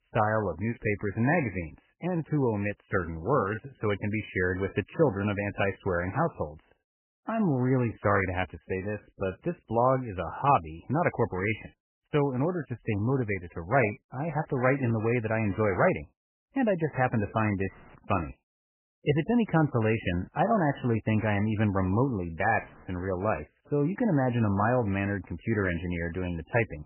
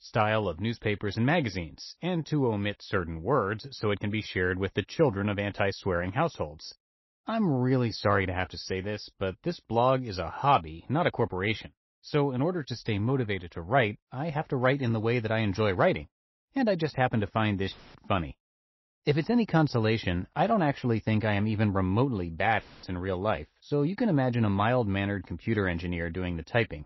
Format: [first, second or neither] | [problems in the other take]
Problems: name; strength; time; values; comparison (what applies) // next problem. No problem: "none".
second | garbled, watery; badly; nothing above 3 kHz; slightly in the second